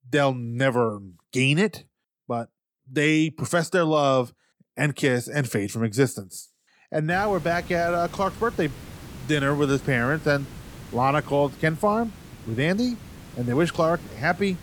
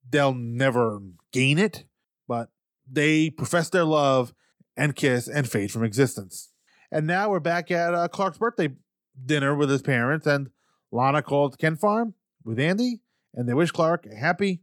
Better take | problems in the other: second | hiss; noticeable; from 7 s on; 15 dB below the speech

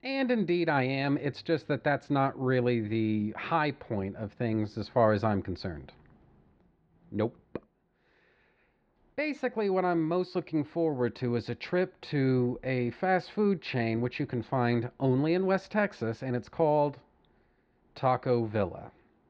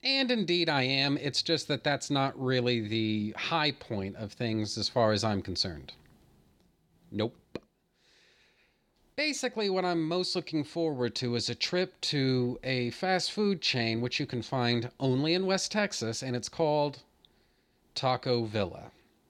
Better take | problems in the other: second | muffled; very; fading above 1.5 kHz

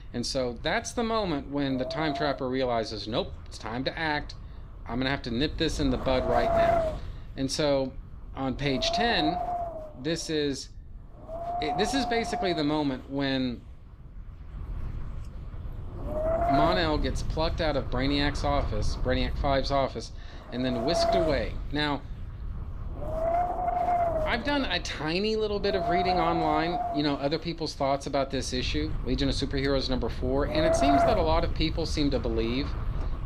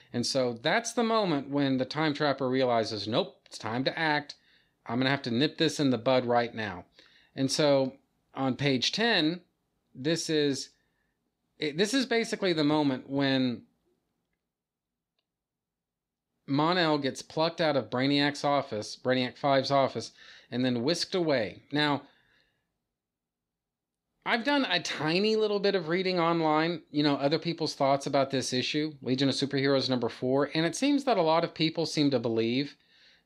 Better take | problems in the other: second | wind noise on the microphone; heavy; 1 dB above the speech

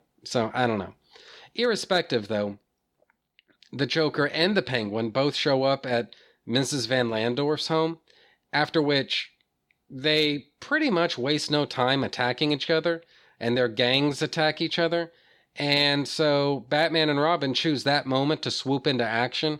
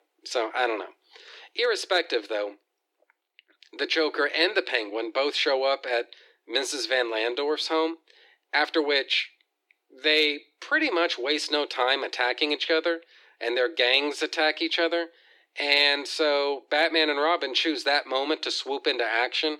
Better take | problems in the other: first | thin; somewhat; fading below 300 Hz

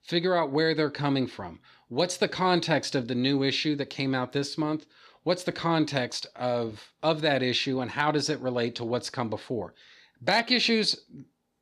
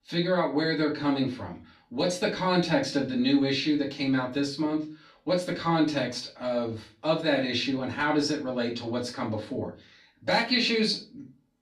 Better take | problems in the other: first | off-mic speech; far // room echo; very slight; dies away in 0.3 s

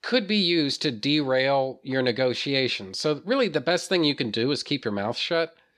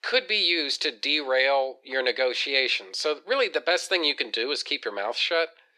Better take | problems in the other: first | thin; very; fading below 400 Hz

